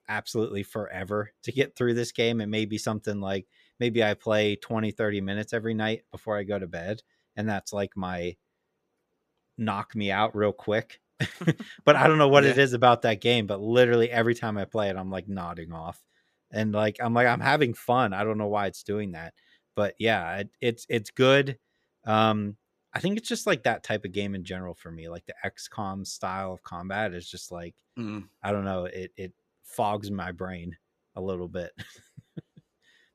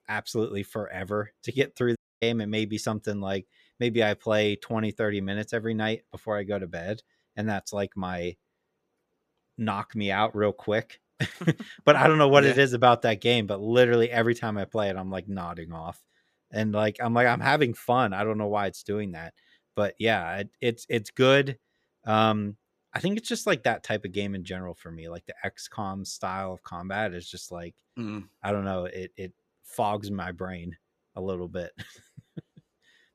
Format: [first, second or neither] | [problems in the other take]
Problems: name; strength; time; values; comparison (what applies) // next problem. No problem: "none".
first | audio cutting out; at 2 s